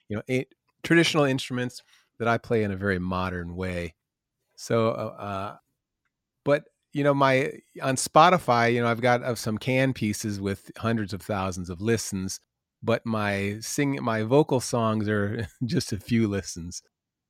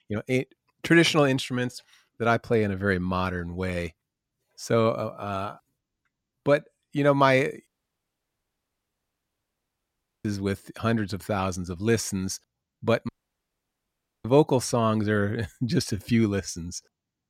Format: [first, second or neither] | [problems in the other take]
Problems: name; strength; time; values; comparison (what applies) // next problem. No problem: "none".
first | audio cutting out; at 7.5 s for 2.5 s and at 13 s for 1 s